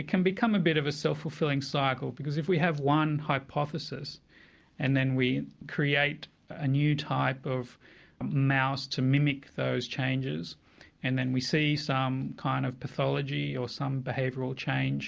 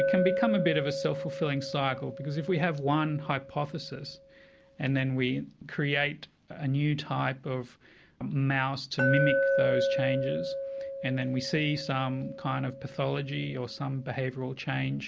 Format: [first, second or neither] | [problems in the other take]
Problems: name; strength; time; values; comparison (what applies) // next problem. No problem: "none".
first | background sound (Glass); 4 dB below the speech